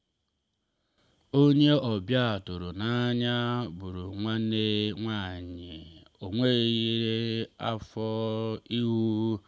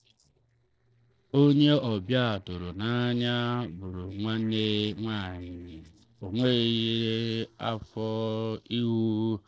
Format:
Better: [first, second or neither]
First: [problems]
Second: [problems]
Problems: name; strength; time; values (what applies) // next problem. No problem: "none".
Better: first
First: none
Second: noise reduction (neural separator model SepFormer DNS4)